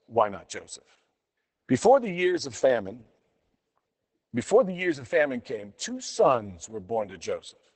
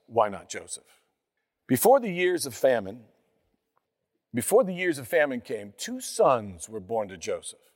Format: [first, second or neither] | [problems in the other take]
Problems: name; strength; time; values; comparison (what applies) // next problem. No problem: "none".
second | garbled, watery; badly; nothing above 8 kHz